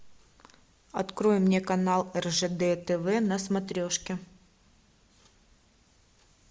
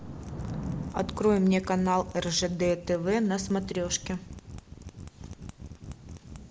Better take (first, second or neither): first